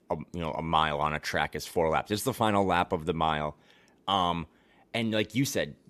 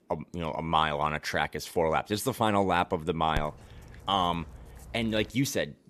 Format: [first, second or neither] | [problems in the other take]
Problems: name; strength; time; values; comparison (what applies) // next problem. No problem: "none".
first | dog barking; faint; from 3.5 to 5 s; peak 10 dB below the speech